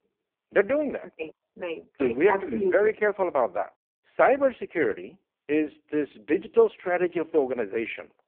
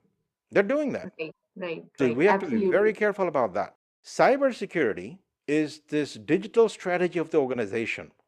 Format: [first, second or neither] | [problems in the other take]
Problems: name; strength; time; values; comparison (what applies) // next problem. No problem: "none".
second | phone-call audio; poor line